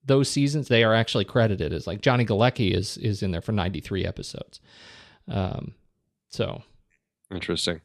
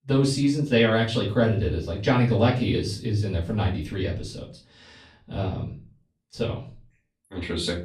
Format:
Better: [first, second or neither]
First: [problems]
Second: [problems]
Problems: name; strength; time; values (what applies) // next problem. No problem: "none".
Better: first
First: none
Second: off-mic speech; far // room echo; slight; dies away in 0.3 s